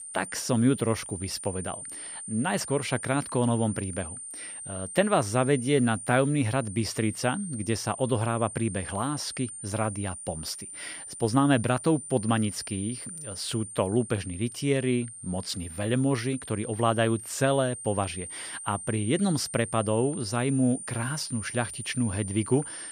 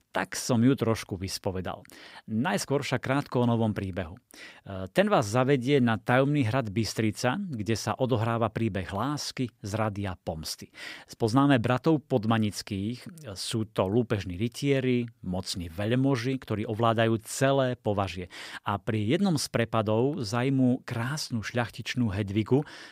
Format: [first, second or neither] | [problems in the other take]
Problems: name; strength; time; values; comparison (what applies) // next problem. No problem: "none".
second | high-pitched whine; loud; throughout; 9 kHz, 10 dB below the speech